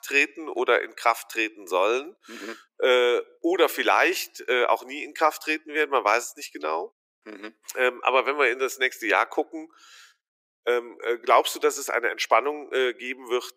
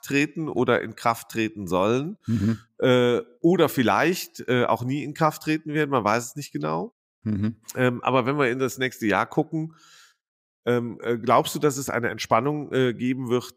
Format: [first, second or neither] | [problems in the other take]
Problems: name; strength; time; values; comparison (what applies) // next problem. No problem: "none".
second | thin; very; fading below 350 Hz